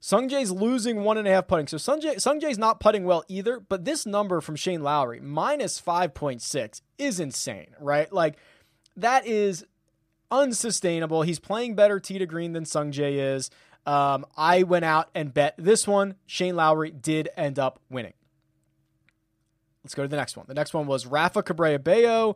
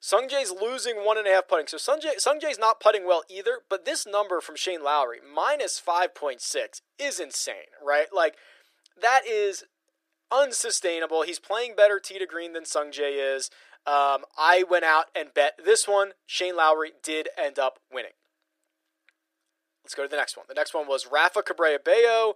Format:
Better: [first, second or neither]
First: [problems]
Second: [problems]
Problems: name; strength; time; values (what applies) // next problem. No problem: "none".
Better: first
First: none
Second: thin; very; fading below 400 Hz